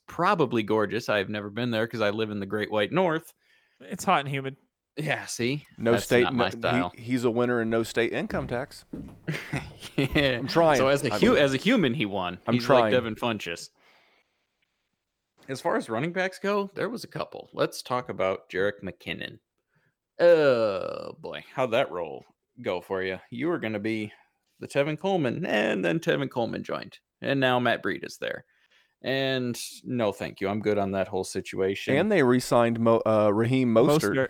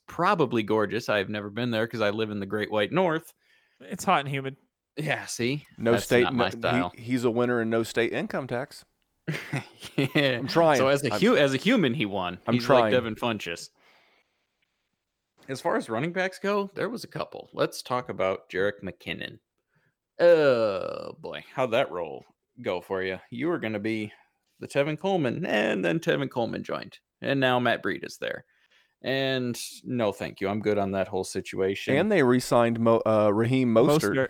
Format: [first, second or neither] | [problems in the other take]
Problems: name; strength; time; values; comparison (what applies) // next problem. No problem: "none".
second | footsteps; noticeable; from 8.5 to 12 s; peak 6 dB below the speech